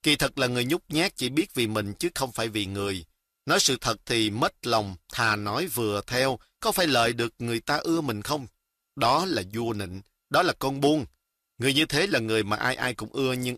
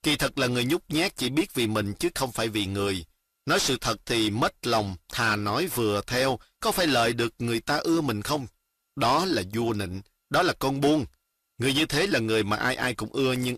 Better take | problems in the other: first | distortion; slight; 10 dB below the speech

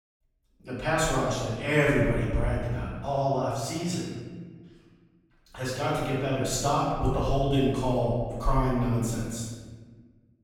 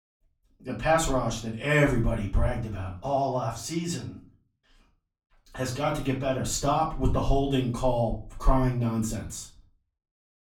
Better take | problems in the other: second | room echo; strong; dies away in 1.3 s; slight in the second // off-mic speech; far; far in the second

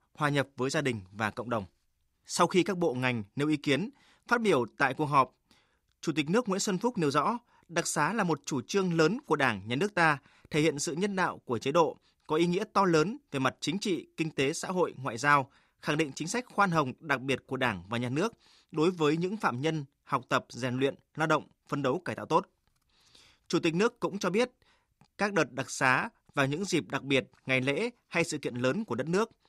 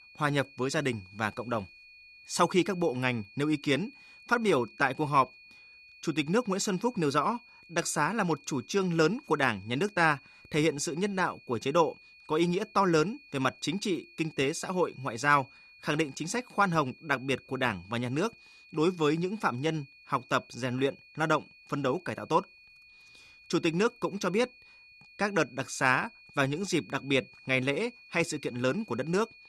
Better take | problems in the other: first | high-pitched whine; faint; throughout; 2.5 kHz, 25 dB below the speech

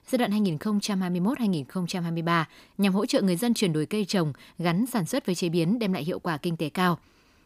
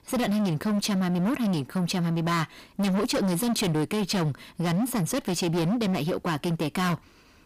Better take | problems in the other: first | distortion; heavy; 30% of the sound clipped

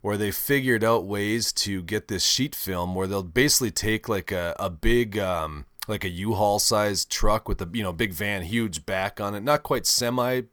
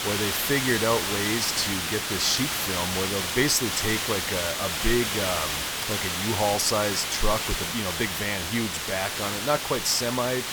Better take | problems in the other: first | hiss; loud; throughout; as loud as the speech

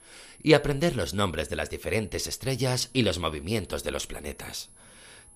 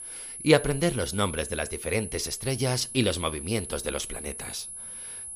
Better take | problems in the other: first | high-pitched whine; loud; throughout; 10.5 kHz, 9 dB below the speech; faint in the first

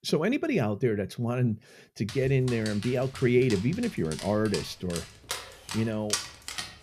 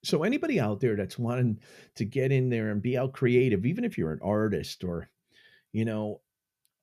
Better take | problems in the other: second | dog barking; noticeable; from 2 s on; peak 2 dB below the speech

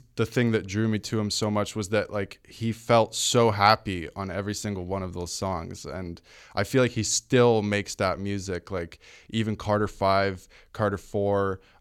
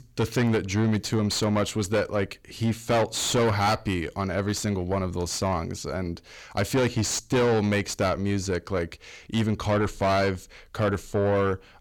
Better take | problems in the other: first | distortion; heavy; 6 dB below the speech

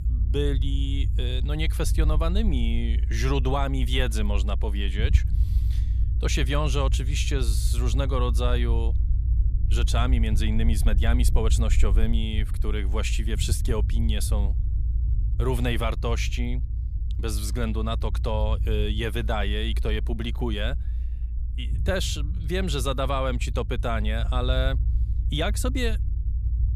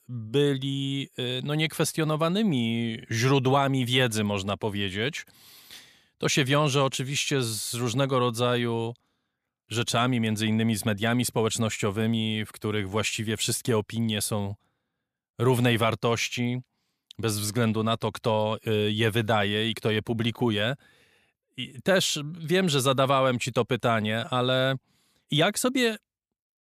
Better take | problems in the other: second | low rumble; noticeable; throughout; 15 dB below the speech

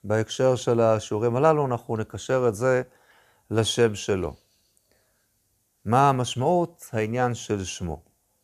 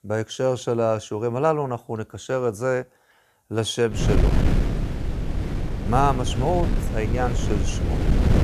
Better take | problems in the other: first | wind noise on the microphone; heavy; from 4 s on; 8 dB below the speech

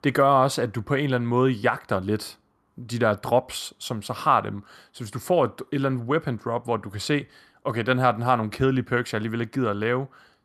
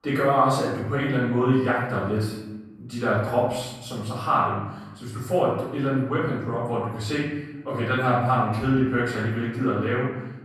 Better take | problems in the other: first | off-mic speech; far // room echo; noticeable; dies away in 1 s

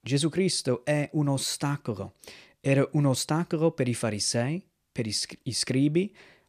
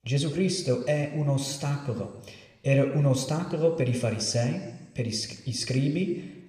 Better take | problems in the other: first | room echo; slight; dies away in 1 s

